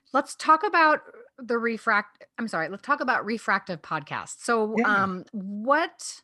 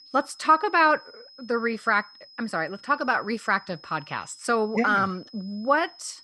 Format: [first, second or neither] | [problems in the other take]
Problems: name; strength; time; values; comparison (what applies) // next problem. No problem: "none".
first | high-pitched whine; faint; throughout; 5 kHz, 25 dB below the speech